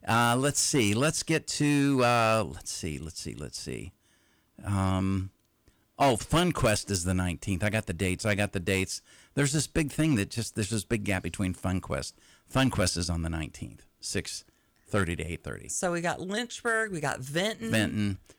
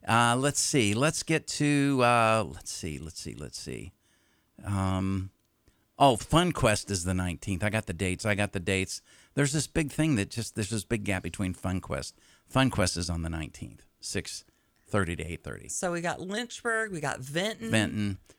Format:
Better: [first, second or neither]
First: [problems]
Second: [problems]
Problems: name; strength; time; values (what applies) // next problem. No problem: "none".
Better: second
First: distortion; slight; 2% of the sound clipped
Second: none